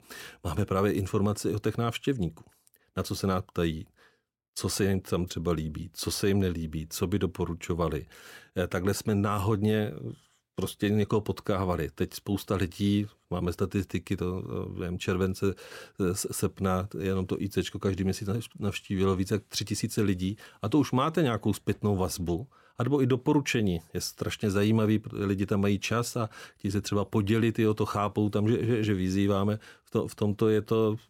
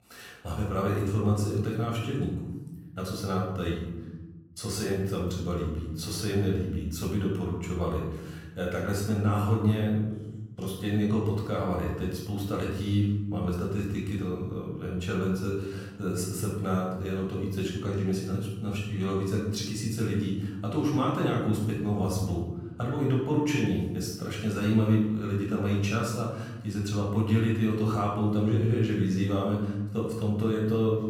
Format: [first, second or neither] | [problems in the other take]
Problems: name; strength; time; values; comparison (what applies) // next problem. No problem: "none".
first | off-mic speech; far // room echo; noticeable; dies away in 1.1 s